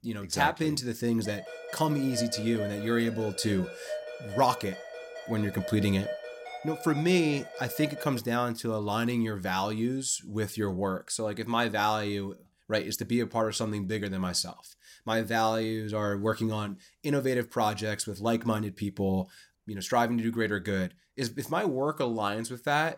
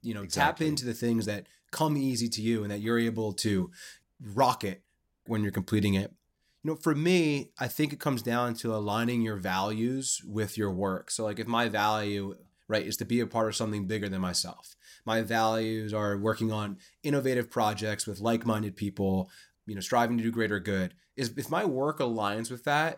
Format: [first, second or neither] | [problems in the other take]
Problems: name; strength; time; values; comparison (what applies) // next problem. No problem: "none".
second | phone ringing; noticeable; from 1.5 to 8 s; peak 7 dB below the speech